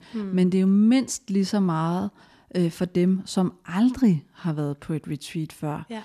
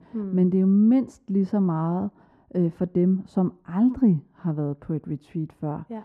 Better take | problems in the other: first | muffled; very; fading above 2 kHz

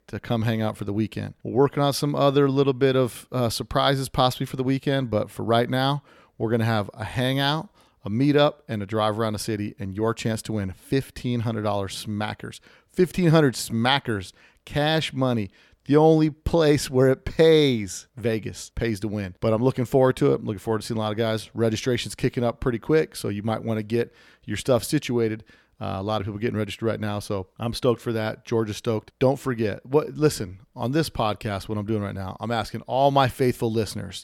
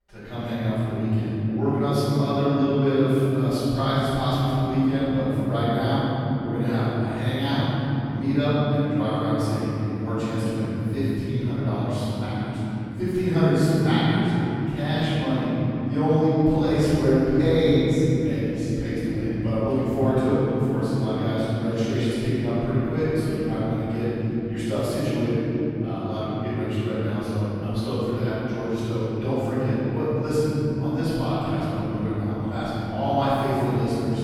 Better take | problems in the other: first | off-mic speech; far // room echo; strong; dies away in 3 s

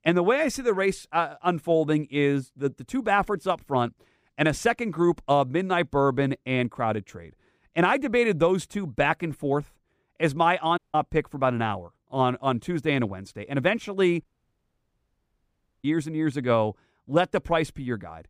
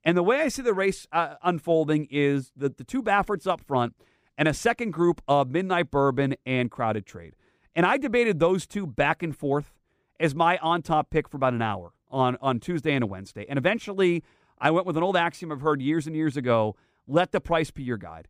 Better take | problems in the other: second | audio cutting out; at 11 s and at 14 s for 1.5 s

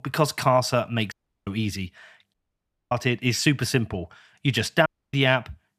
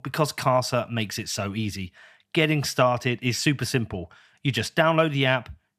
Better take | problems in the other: second | audio cutting out; at 1 s, at 2.5 s for 0.5 s and at 5 s

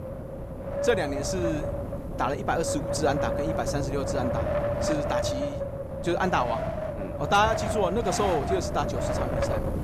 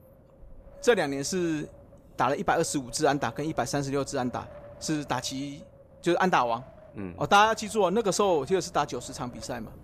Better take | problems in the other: second | wind noise on the microphone; heavy; 3 dB below the speech; occasional gusts in the second

